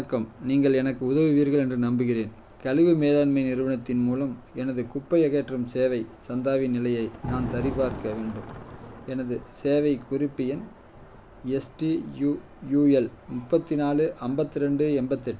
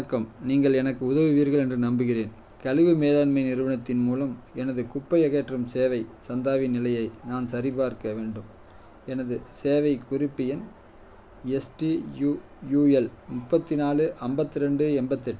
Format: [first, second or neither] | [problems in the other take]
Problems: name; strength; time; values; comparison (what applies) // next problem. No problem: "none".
second | background sound (Thunder); 19 dB below the speech